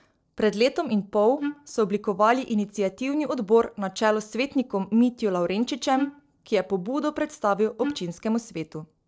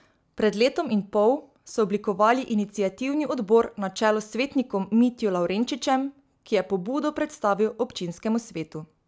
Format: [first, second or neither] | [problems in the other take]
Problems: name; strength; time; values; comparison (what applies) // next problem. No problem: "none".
second | noise reduction (neural separator model SepFormer DNS4)